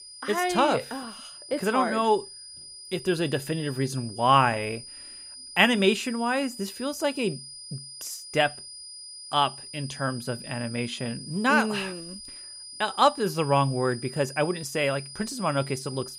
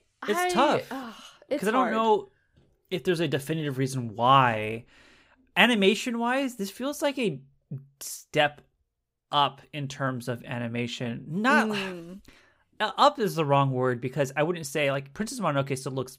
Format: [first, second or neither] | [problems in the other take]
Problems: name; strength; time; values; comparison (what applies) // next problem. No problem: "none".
second | high-pitched whine; noticeable; throughout; 5 kHz, 15 dB below the speech